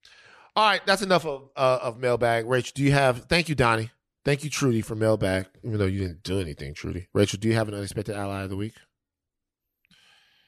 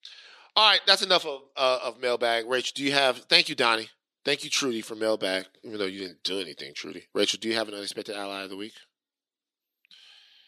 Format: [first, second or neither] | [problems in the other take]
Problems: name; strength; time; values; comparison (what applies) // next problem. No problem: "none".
first | thin; somewhat; fading below 250 Hz